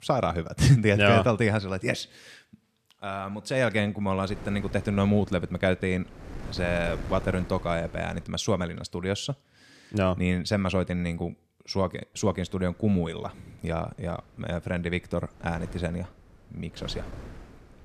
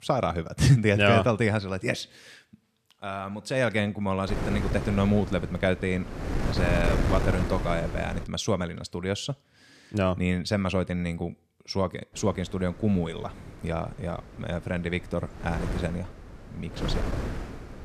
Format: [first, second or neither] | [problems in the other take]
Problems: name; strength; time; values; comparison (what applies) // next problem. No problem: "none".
first | wind noise on the microphone; heavy; from 4.5 to 8.5 s and from 12 s on; 7 dB below the speech; occasional gusts in the first